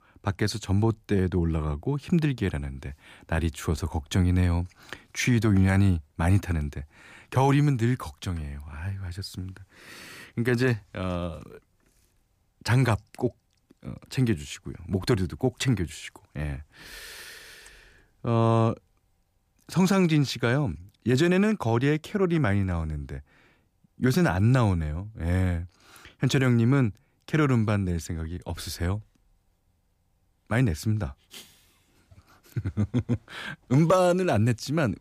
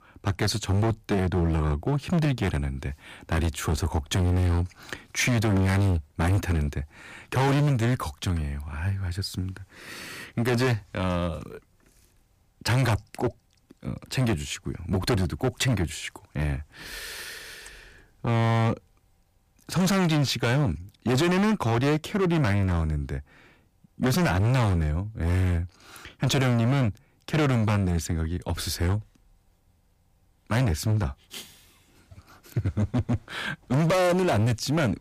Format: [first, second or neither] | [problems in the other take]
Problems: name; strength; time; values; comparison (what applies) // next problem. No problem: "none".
first | distortion; heavy; 15% of the sound clipped